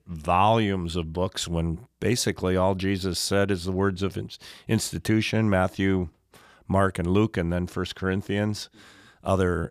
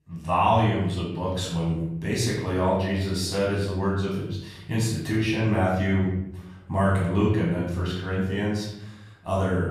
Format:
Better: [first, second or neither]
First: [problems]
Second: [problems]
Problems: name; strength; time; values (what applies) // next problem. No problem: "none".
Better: first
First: none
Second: off-mic speech; far // room echo; noticeable; dies away in 0.8 s